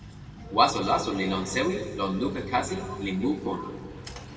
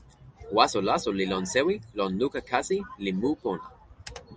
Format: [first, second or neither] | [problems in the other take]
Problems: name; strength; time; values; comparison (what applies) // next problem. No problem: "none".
second | background sound (Truck); 15 dB below the speech // room echo; dies away in 1.7 s